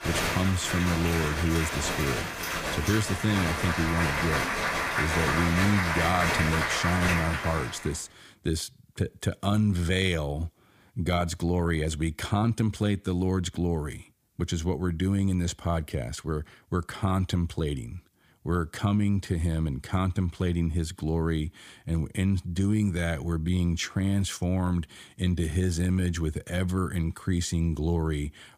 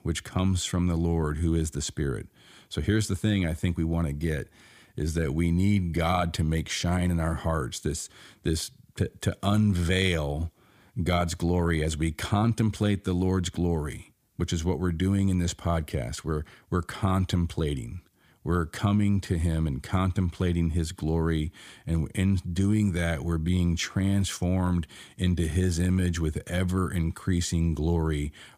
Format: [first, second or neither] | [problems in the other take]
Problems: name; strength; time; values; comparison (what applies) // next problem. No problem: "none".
second | crowd noise; loud; until 7.5 s; as loud as the speech